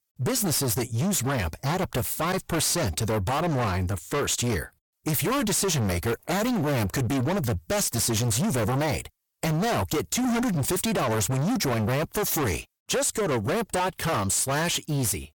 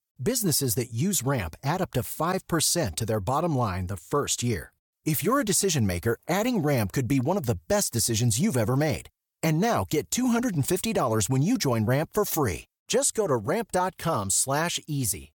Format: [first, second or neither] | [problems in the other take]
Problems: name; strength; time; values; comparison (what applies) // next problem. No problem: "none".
second | distortion; heavy; 36% of the sound clipped